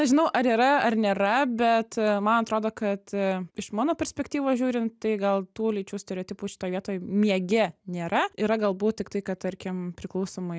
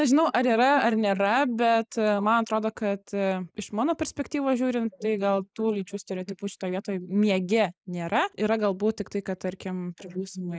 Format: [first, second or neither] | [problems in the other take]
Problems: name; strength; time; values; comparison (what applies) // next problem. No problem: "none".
first | noise reduction (neural mask model Resemble Enhance denoiser)